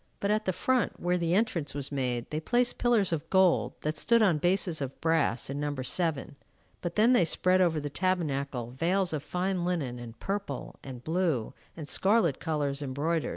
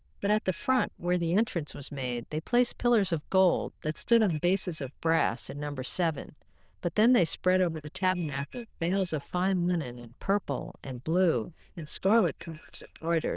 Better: first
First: none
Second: noise reduction (neural diffusion model UNIVERSE++)

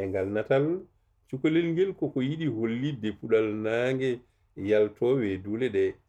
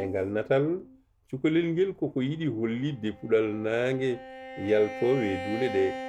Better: first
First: none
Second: background sound (Bowed string instrument); 13 dB below the speech

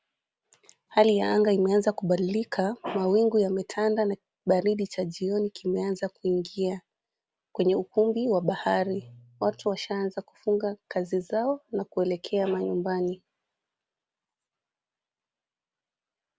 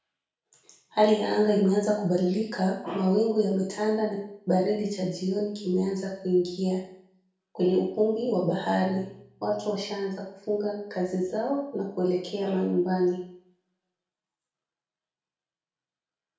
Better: first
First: none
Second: room echo; dies away in 0.5 s

